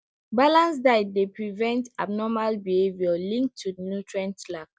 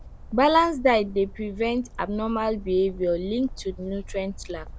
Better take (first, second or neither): first